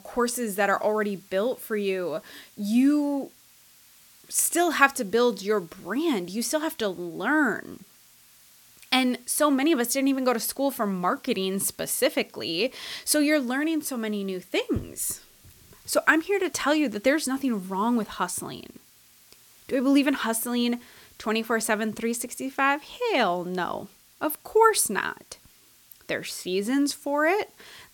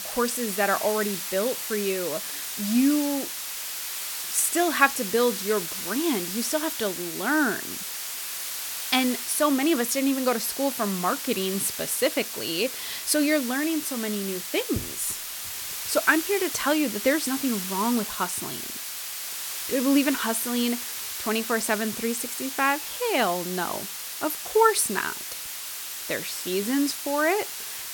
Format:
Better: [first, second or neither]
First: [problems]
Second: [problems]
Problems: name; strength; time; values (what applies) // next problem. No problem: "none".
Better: first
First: hiss; faint; throughout; 30 dB below the speech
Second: hiss; loud; throughout; 5 dB below the speech